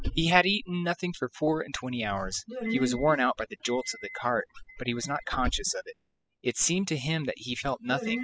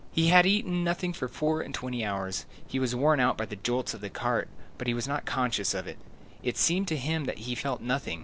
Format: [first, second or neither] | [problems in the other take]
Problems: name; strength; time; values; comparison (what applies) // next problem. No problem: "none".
second | noise reduction (classical method spectral subtraction)